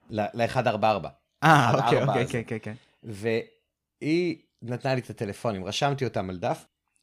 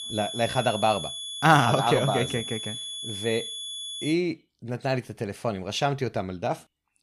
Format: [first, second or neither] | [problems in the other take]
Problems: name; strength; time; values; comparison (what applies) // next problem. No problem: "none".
first | high-pitched whine; loud; until 4 s; 3.5 kHz, 7 dB below the speech